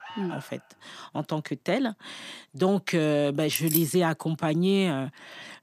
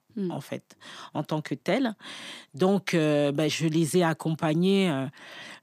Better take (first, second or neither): second